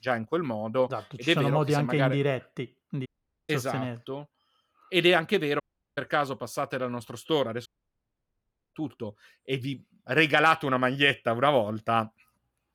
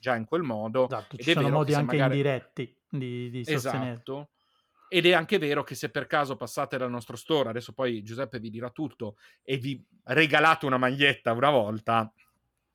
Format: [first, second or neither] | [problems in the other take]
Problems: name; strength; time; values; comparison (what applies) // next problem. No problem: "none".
second | audio cutting out; at 3 s, at 5.5 s and at 7.5 s for 1 s